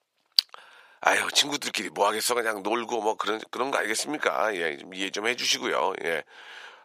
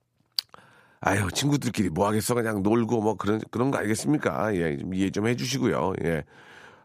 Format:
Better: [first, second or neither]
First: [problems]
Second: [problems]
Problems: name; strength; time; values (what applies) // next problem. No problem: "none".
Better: second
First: thin; very; fading below 600 Hz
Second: none